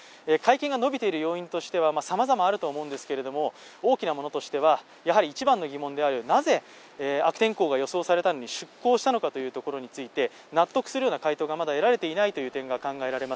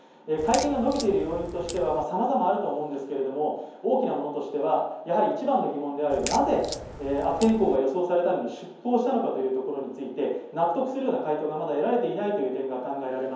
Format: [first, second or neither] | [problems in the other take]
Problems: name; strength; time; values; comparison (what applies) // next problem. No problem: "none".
first | background sound (Crack); 12 dB below the speech // room echo; dies away in 0.9 s